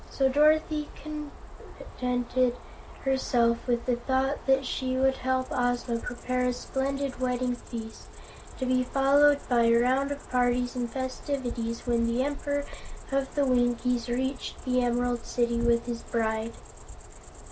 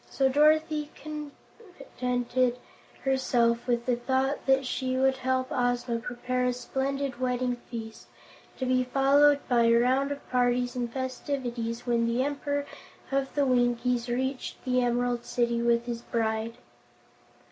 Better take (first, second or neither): second